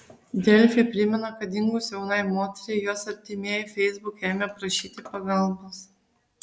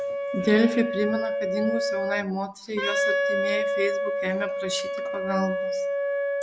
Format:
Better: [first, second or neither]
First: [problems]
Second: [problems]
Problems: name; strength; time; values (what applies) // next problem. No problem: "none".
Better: first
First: none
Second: background sound (Wind instrument, woodwind instrument); 1 dB above the speech